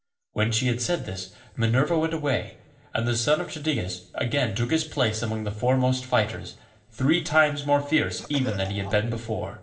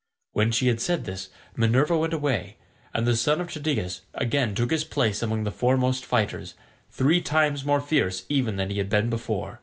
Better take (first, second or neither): second